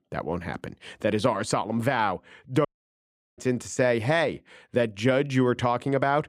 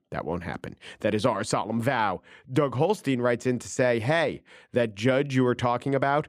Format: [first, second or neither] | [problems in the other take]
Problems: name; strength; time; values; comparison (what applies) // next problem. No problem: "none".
second | audio cutting out; at 2.5 s for 0.5 s